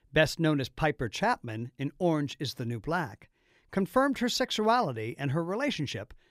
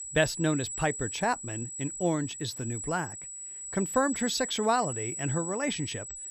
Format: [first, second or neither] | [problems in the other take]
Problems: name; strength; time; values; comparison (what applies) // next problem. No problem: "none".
first | high-pitched whine; loud; throughout; 8 kHz, 5 dB below the speech